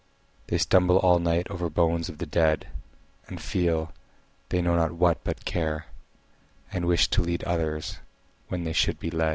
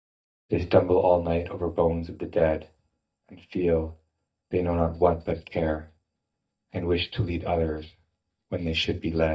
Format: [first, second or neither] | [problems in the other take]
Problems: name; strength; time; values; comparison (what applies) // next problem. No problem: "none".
first | noise reduction (neural mask model DeepFilterNet 3)